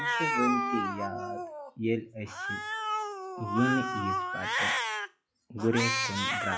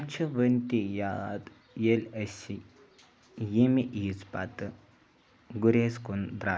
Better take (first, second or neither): second